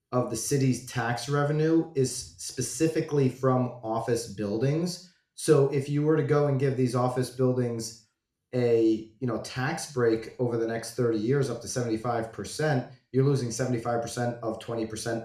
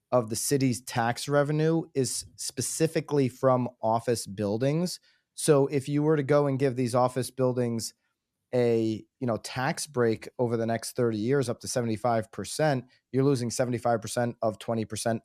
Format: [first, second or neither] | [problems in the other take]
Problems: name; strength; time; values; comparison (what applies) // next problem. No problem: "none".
second | room echo; slight; dies away in 0.4 s // off-mic speech; somewhat distant